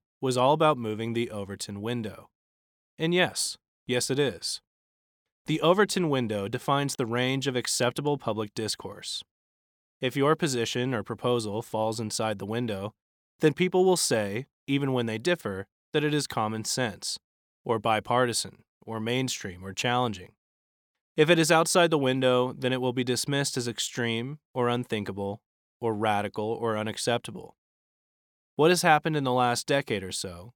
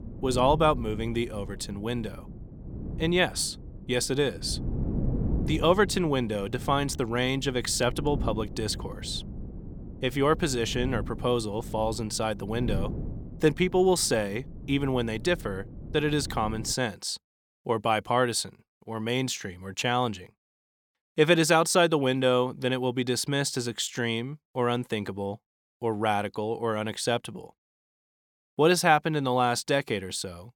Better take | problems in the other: first | wind noise on the microphone; occasional gusts; until 17 s; 20 dB below the speech

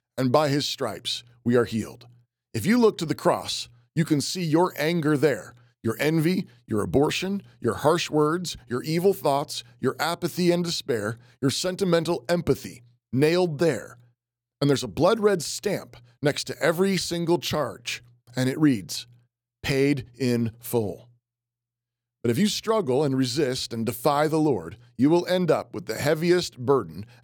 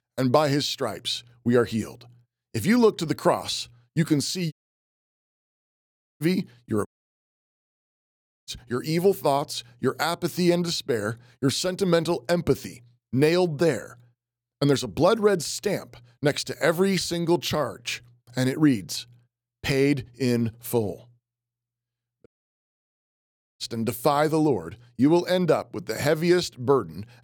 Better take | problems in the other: first | audio cutting out; at 4.5 s for 1.5 s, at 7 s for 1.5 s and at 22 s for 1.5 s

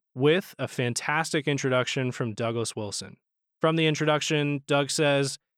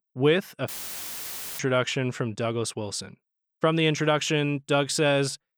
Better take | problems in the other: first | audio cutting out; filled with static; at 0.5 s for 1 s

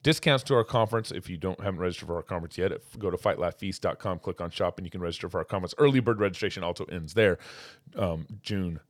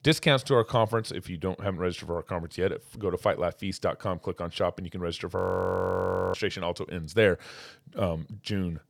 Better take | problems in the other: first | audio freezing; at 5.5 s for 1 s

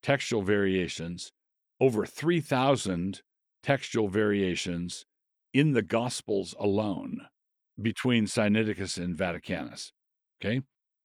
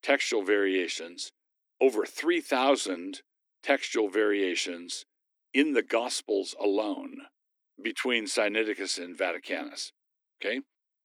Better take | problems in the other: first | thin; very slightly; fading below 300 Hz

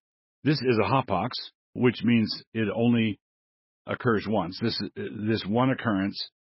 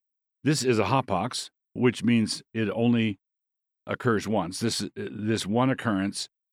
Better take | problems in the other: second | garbled, watery; badly; nothing above 5.5 kHz

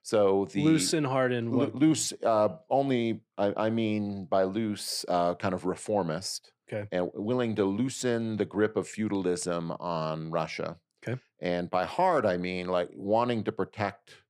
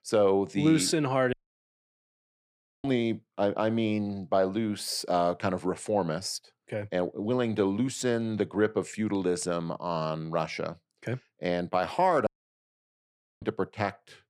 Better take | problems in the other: first | audio cutting out; at 1.5 s for 1.5 s and at 12 s for 1 s

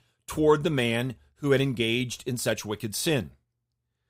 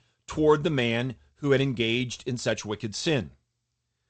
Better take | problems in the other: first | garbled, watery; slightly; nothing above 8 kHz

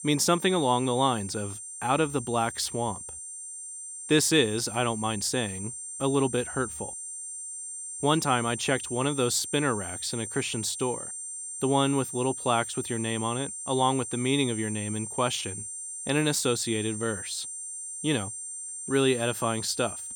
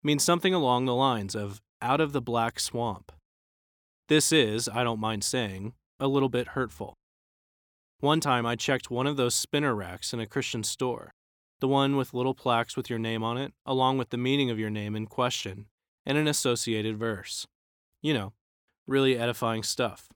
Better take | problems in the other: second | high-pitched whine; loud; throughout; 9 kHz, 8 dB below the speech

